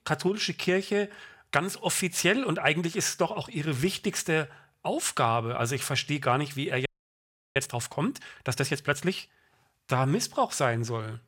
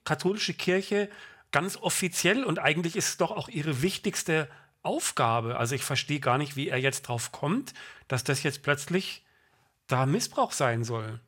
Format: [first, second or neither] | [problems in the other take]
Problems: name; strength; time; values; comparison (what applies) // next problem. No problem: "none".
second | audio freezing; at 7 s for 0.5 s